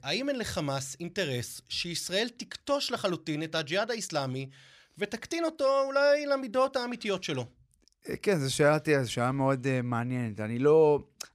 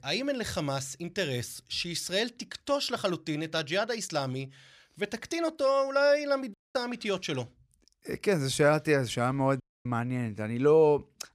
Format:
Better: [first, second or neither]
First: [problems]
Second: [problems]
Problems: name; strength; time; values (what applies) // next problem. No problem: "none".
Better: first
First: none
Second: audio cutting out; at 6.5 s and at 9.5 s